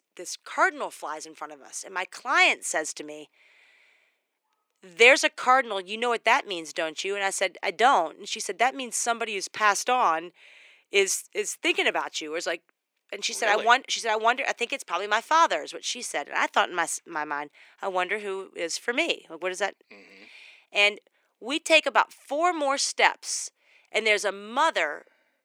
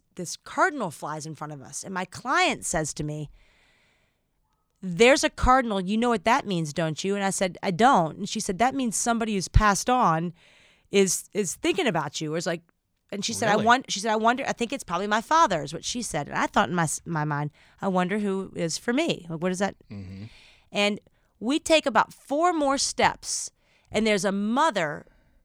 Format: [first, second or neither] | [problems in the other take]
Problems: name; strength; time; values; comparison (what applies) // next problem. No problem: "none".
second | thin; somewhat; fading below 350 Hz